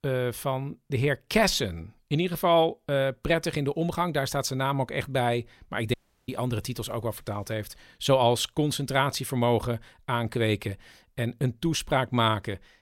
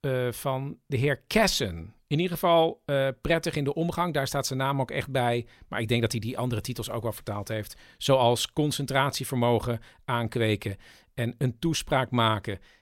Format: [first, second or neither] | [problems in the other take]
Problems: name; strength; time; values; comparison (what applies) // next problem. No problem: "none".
second | audio cutting out; at 6 s